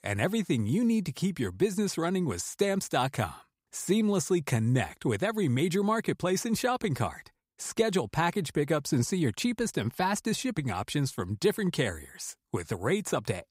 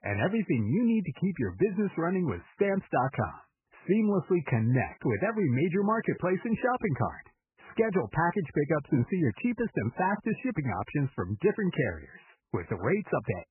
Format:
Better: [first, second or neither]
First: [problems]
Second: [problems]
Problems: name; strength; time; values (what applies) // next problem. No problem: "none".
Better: first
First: none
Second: garbled, watery; badly; nothing above 3 kHz